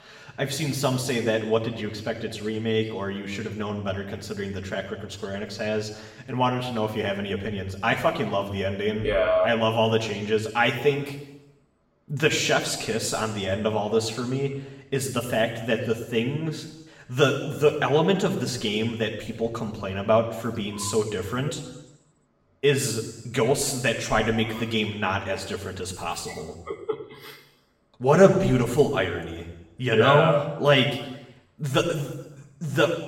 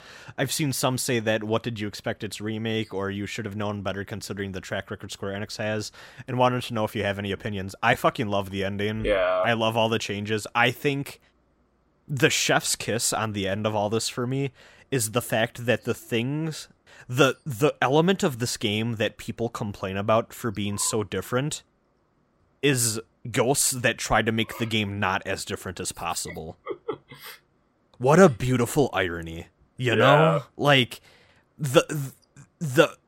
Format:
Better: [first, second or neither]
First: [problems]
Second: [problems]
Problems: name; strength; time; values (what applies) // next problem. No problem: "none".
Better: second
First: room echo; noticeable; dies away in 1 s // off-mic speech; somewhat distant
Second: none